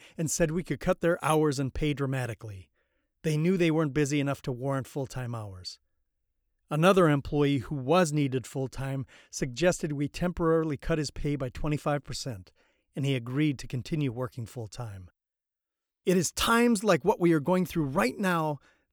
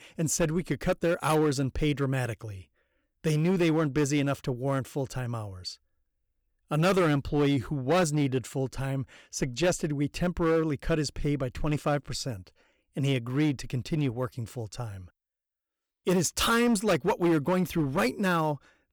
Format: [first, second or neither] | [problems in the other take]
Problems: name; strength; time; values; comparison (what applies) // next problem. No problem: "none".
first | distortion; slight; 6% of the sound clipped